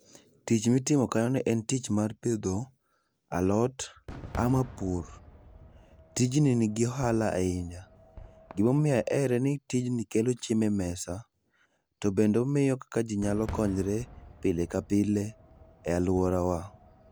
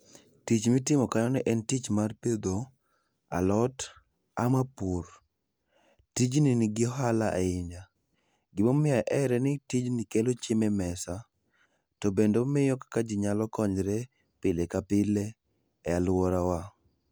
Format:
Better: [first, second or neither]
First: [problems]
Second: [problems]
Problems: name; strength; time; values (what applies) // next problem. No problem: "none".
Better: second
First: background sound (Fireworks); 19 dB below the speech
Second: none